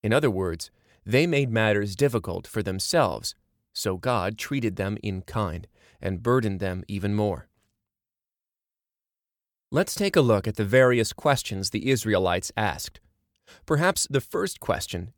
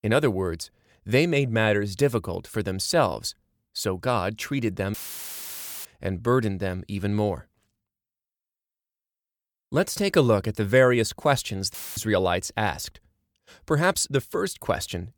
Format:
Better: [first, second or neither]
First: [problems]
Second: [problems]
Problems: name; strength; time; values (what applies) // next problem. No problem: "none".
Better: first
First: none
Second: audio cutting out; filled with static; at 5 s for 1 s and at 12 s